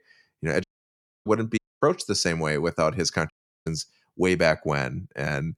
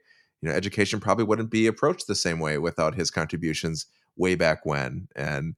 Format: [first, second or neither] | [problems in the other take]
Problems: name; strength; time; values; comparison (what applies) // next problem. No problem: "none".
second | audio cutting out; at 0.5 s for 0.5 s, at 1.5 s and at 3.5 s